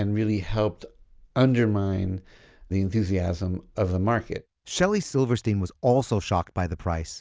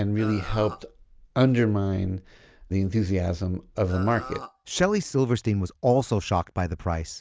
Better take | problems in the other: first | background sound (Burping, eructation); 14 dB below the speech

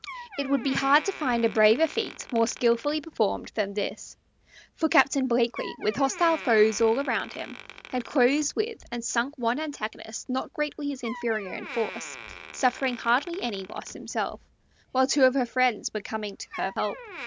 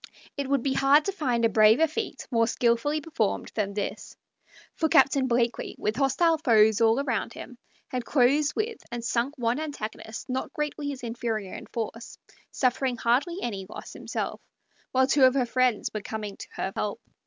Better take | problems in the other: second | background sound (Door); 17 dB below the speech

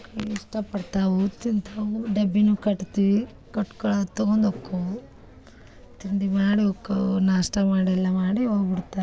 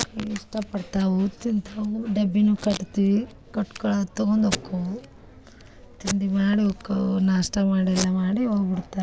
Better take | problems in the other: first | background sound (Packing tape, duct tape); 15 dB below the speech

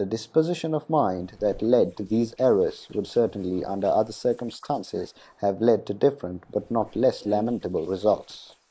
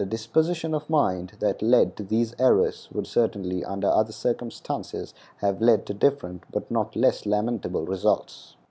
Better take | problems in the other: second | noise reduction (neural mask model Resemble Enhance denoiser)

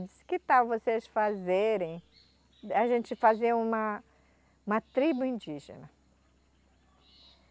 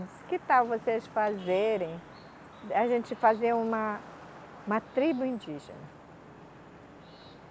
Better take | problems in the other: first | background sound (Traffic noise, roadway noise / Vehicle horn, car horn, honking); 18 dB below the speech

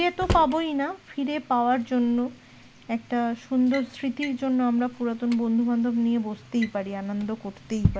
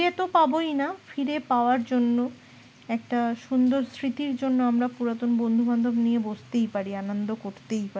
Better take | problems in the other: second | background sound (Drawer open or close); 10 dB below the speech

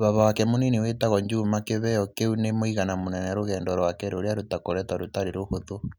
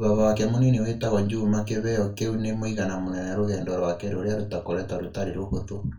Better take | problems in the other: first | room echo; dies away in 0.3 s

